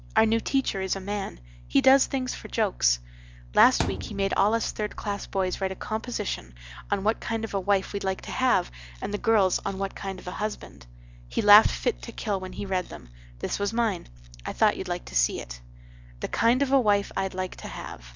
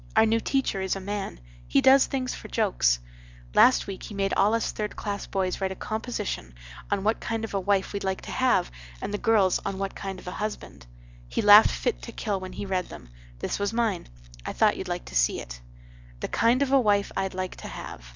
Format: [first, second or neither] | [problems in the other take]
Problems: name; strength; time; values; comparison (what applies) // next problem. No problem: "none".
second | background sound (Thump, thud); 9 dB below the speech